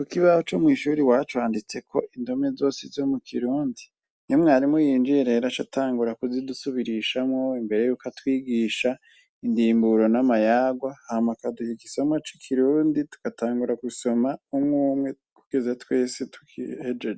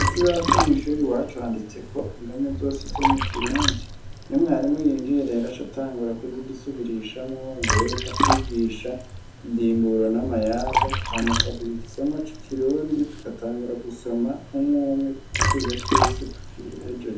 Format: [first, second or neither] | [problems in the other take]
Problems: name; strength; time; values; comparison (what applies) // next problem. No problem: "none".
first | background sound (Liquid); 2 dB below the speech // room echo; dies away in 0.6 s